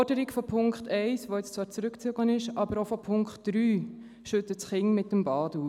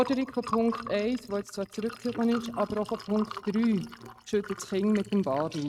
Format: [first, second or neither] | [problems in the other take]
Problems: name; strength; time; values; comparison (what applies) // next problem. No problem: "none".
first | noise reduction (neural mask model RNNoise)